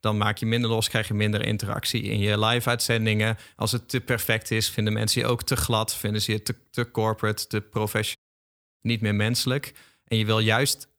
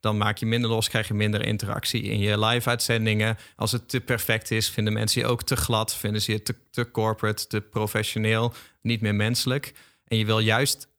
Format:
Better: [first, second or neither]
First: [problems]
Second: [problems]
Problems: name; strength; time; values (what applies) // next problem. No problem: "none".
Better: second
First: audio cutting out; at 8 s for 0.5 s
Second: none